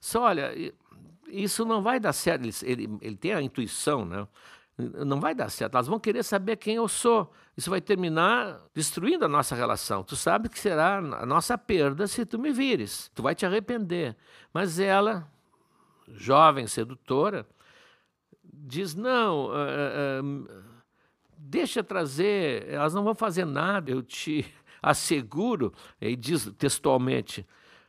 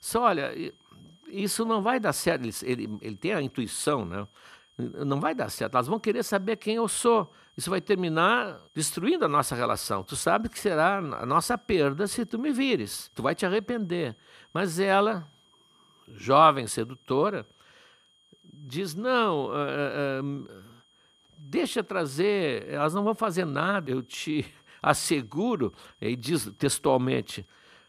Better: first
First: none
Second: high-pitched whine; faint; throughout; 3 kHz, 35 dB below the speech

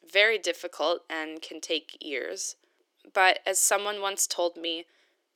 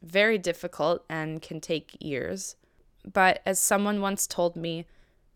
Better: second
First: thin; very; fading below 300 Hz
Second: none

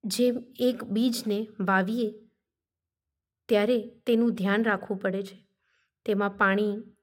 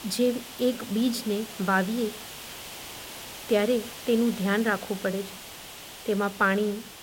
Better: first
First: none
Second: hiss; noticeable; throughout; 10 dB below the speech

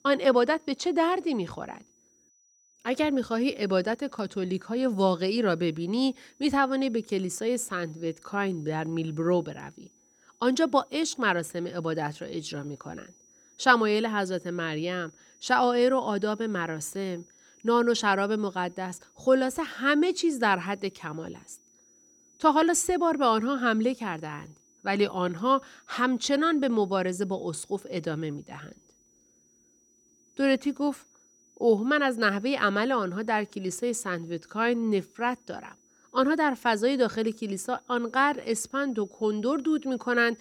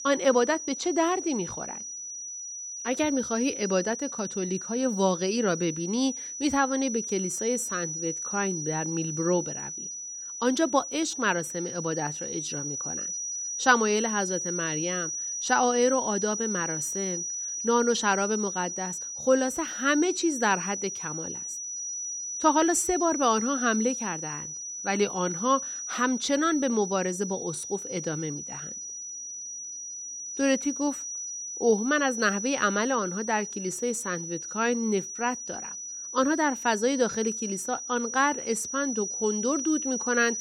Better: first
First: high-pitched whine; faint; throughout; 6 kHz, 30 dB below the speech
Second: high-pitched whine; loud; throughout; 6 kHz, 5 dB below the speech

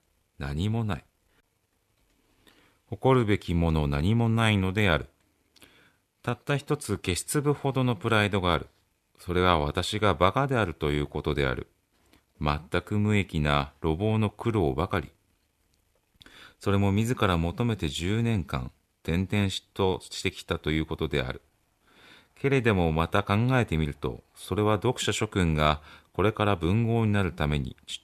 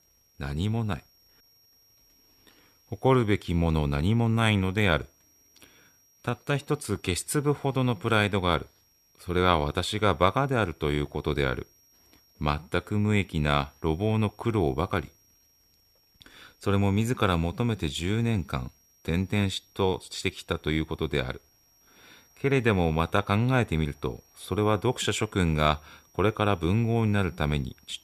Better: first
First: none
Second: high-pitched whine; faint; throughout; 5.5 kHz, 35 dB below the speech

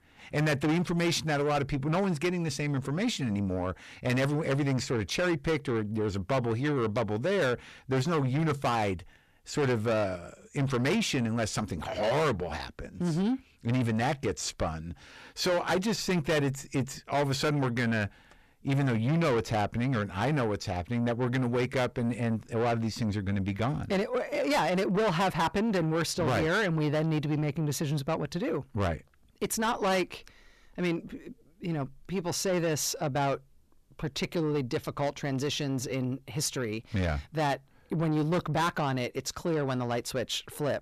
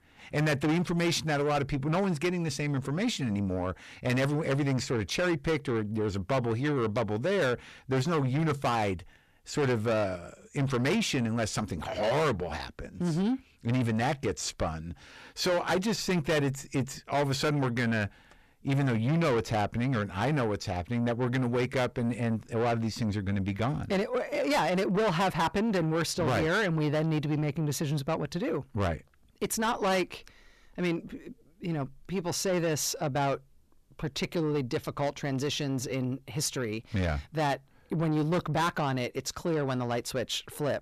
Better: neither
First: distortion; heavy; 6 dB below the speech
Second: distortion; heavy; 6 dB below the speech

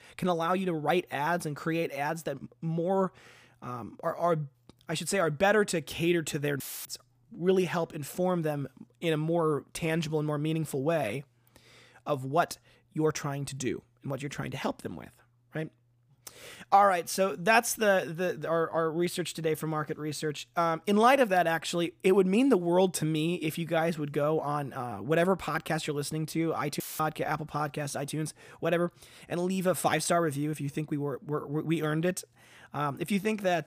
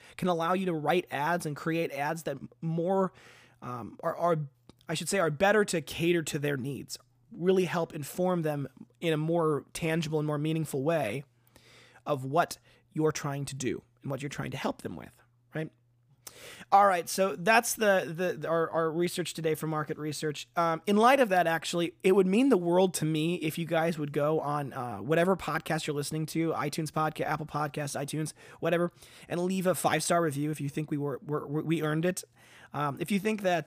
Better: second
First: audio cutting out; filled with static; at 6.5 s and at 27 s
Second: none

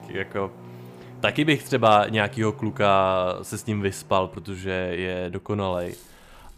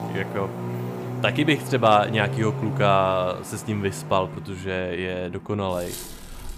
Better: first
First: traffic noise; faint; throughout; 20 dB below the speech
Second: traffic noise; loud; throughout; 8 dB below the speech

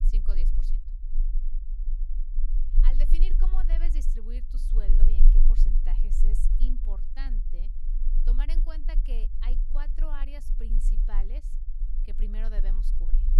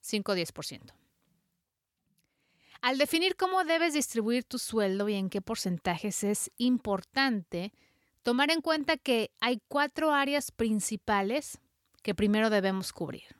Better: second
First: low rumble; loud; throughout; 8 dB below the speech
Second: none

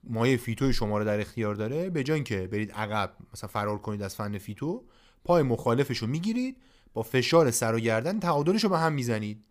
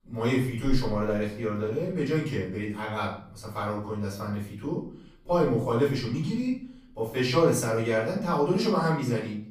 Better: first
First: none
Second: off-mic speech; far // room echo; noticeable; dies away in 0.5 s

